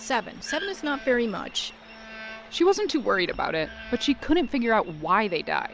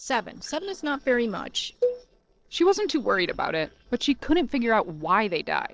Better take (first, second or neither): first